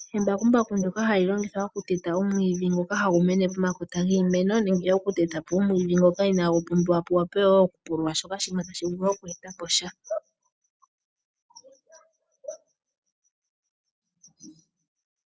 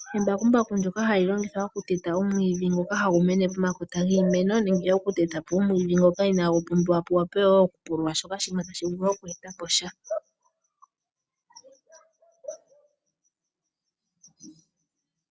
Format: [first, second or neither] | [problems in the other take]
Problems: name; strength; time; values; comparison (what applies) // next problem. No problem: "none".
second | noise reduction (neural mask model Resemble Enhance denoiser)